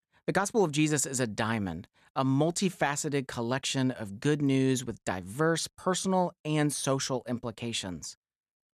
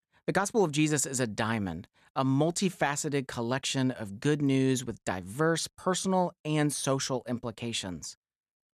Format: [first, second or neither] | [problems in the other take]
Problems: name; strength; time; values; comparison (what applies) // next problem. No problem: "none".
neither | none